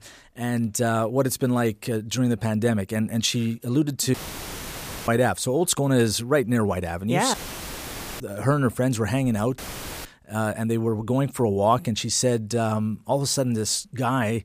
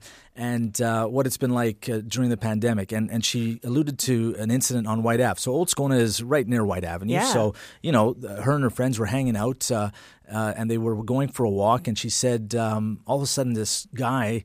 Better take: second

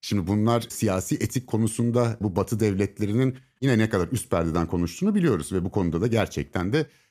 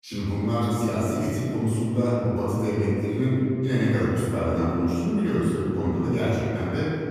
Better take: first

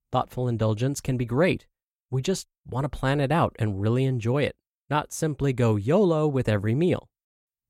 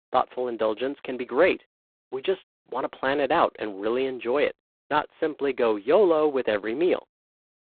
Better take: first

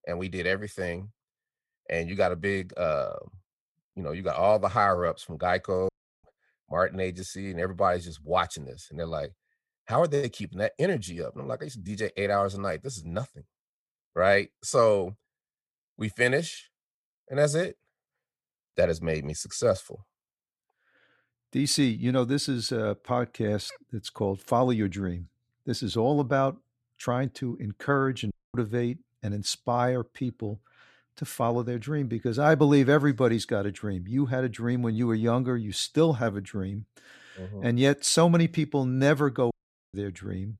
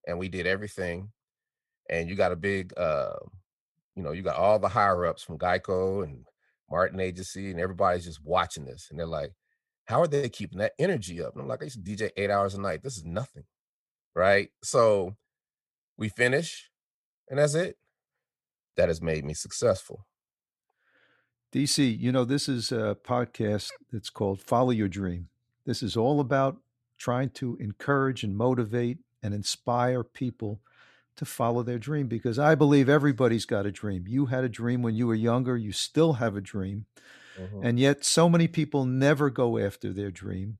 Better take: second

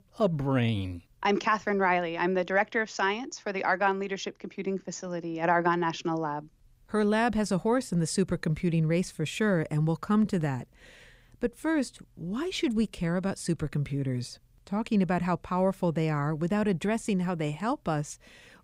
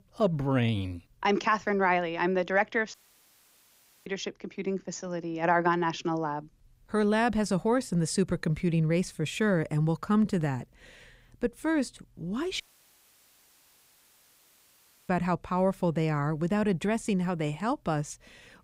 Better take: first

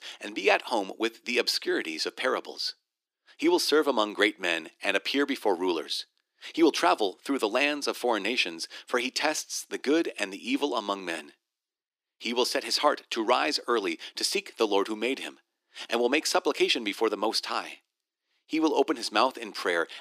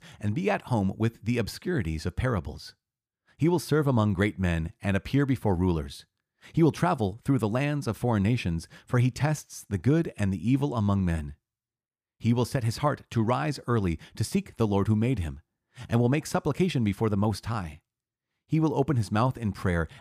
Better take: second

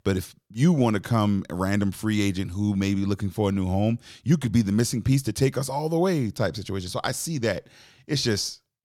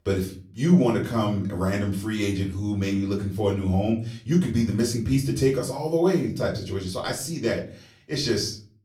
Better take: first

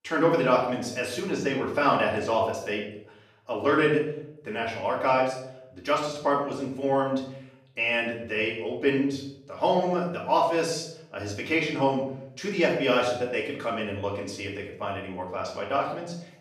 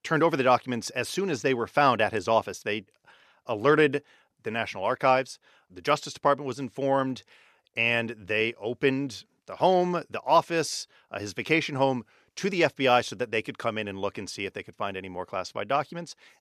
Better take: second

